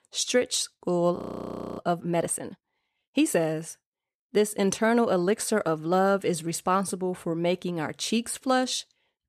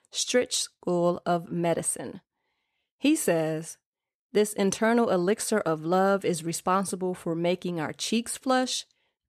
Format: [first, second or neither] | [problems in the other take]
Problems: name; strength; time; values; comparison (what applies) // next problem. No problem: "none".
second | audio freezing; at 1 s for 0.5 s